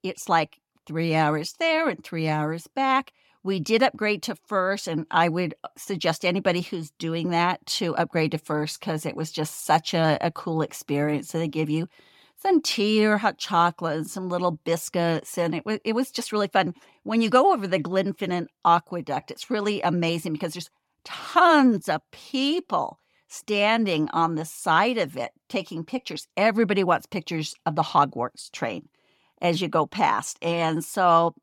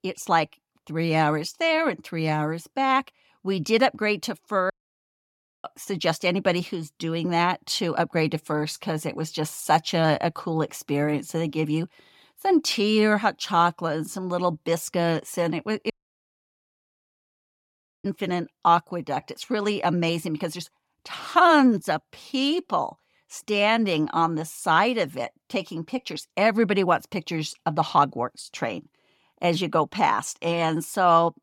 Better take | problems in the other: first | audio cutting out; at 4.5 s for 1 s and at 16 s for 2 s

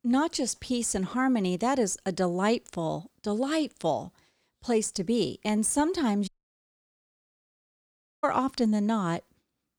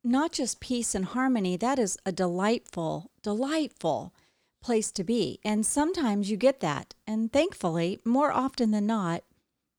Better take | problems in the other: second | audio cutting out; at 6.5 s for 2 s

